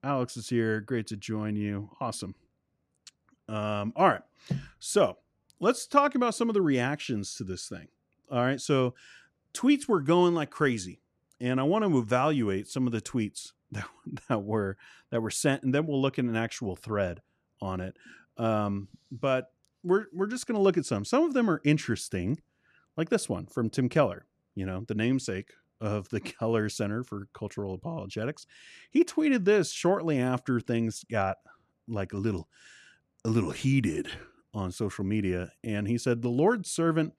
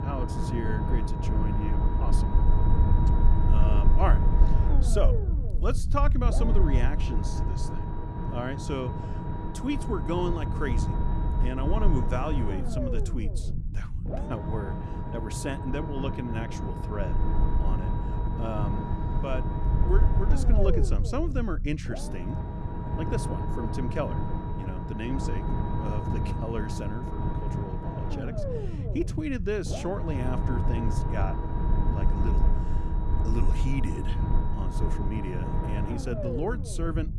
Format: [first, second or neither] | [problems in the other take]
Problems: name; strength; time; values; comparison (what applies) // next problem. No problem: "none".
first | low rumble; loud; throughout; 1 dB below the speech